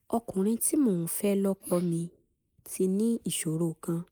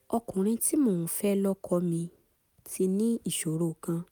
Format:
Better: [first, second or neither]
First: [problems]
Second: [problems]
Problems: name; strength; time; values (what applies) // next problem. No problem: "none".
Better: second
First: noise reduction (neural mask model Resemble Enhance denoiser)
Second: none